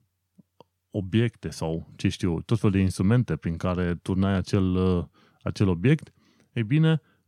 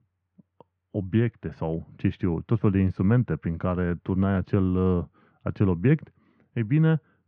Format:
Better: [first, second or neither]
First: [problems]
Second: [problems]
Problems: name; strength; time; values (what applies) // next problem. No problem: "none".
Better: first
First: none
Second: muffled; very; fading above 2 kHz